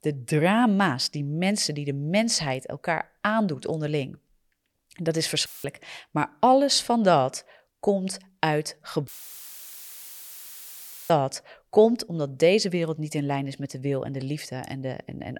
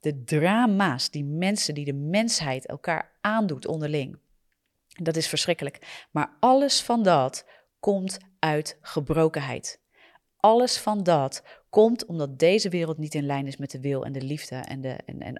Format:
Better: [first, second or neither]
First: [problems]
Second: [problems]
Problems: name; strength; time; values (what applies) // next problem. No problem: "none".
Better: second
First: audio cutting out; filled with static; at 5.5 s and at 9 s for 2 s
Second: none